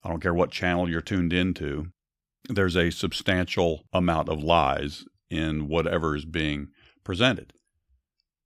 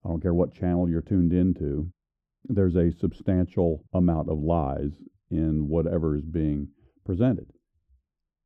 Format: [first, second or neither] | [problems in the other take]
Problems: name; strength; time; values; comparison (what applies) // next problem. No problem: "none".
first | muffled; very; fading above 1 kHz